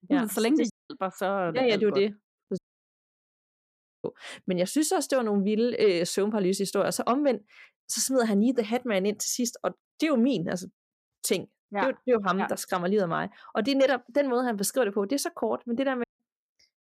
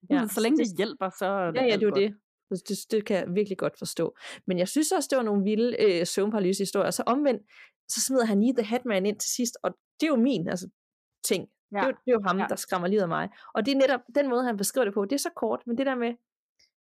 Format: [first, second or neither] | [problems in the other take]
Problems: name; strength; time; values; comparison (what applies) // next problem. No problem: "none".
second | audio cutting out; at 0.5 s, at 2.5 s for 1.5 s and at 16 s